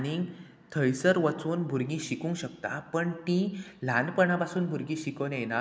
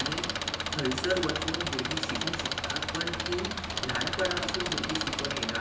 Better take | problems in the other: first | background sound (Engine); 3 dB above the speech // room echo; dies away in 1 s

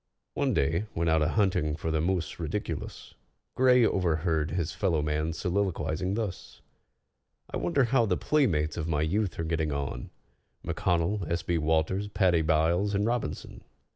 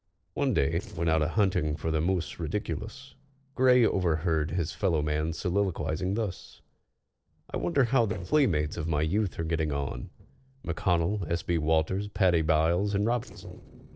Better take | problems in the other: first | noise reduction (neural separator model SepFormer DNS4)

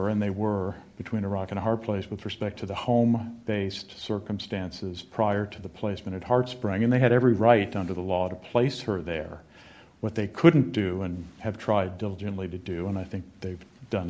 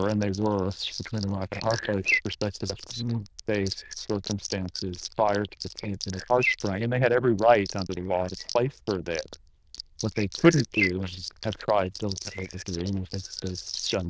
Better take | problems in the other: first | noise reduction (neural diffusion model UNIVERSE++)

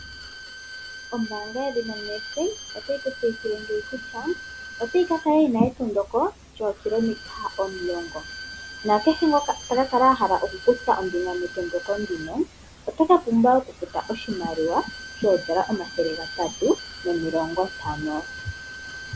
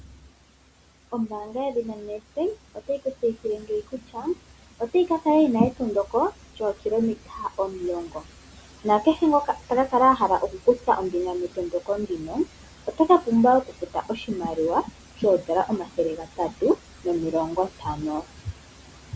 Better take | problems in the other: second | background sound (Bowed string instrument); 14 dB below the speech

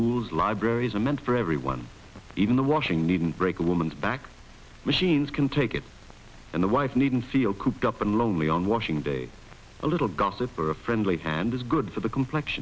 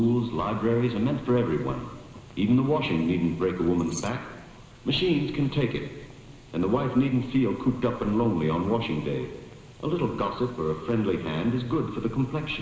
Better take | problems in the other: first | background sound (Keys jangling); 15 dB below the speech // room echo; dies away in 2.1 s

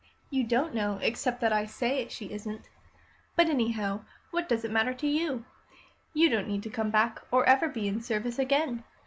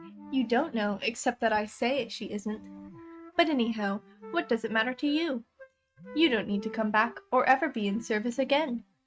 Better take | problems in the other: first | noise reduction (neural mask model RNNoise)

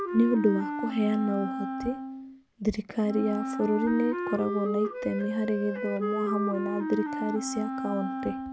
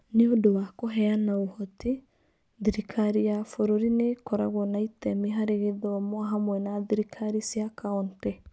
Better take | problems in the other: second | background sound (Wind instrument, woodwind instrument); 4 dB below the speech

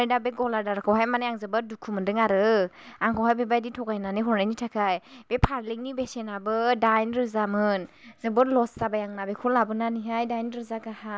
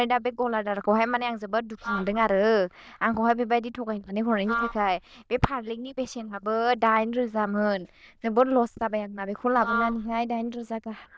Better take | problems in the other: first | noise reduction (neural diffusion model UNIVERSE++)

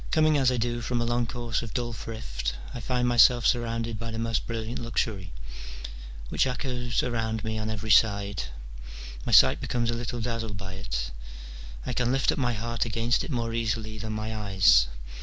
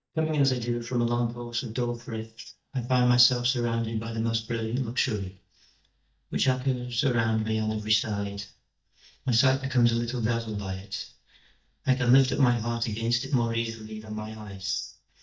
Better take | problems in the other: first | noise reduction (neural mask model DeepFilterNet 3)

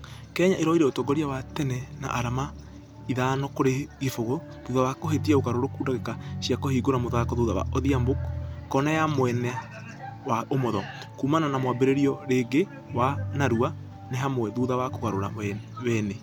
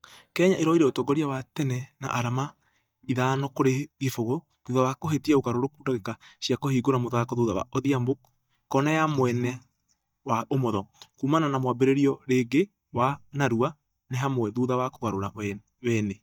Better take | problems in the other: first | noise reduction (neural mask model DeepFilterNet 3)

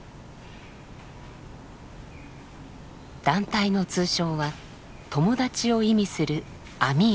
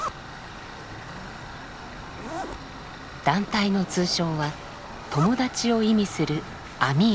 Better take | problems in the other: first | background sound (Zipper (clothing) + Tools); 12 dB below the speech

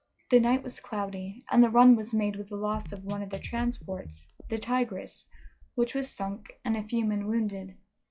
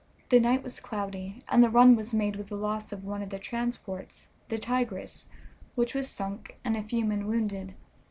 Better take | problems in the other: second | noise reduction (classical method log-MMSE)

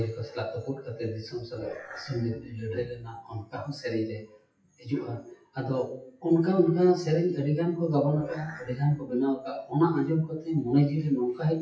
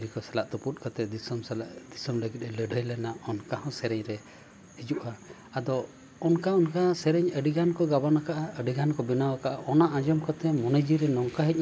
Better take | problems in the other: second | noise reduction (classical method WPE with log-MMSE)

